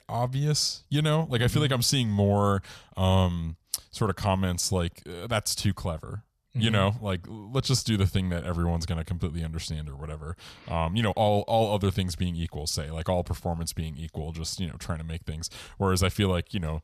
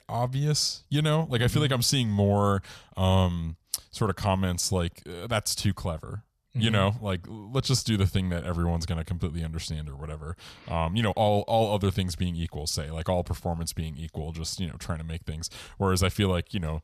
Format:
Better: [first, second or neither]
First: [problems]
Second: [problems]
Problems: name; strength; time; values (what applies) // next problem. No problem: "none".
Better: neither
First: none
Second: none